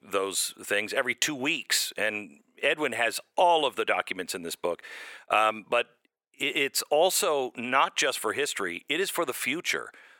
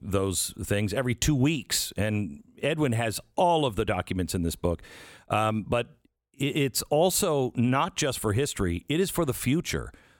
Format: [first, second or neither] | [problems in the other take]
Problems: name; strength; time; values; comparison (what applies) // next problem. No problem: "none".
second | thin; very; fading below 500 Hz